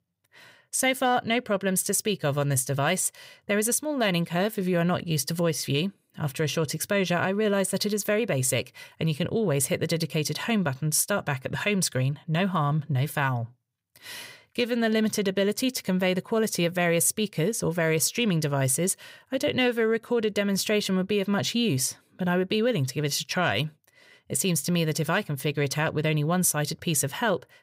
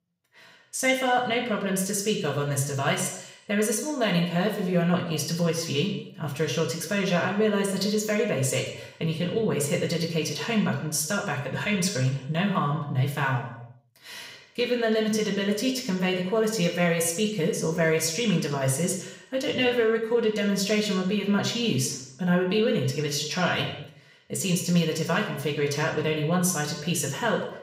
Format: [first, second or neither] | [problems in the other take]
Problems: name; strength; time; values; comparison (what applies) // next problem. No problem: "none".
first | room echo; noticeable; dies away in 0.7 s // off-mic speech; far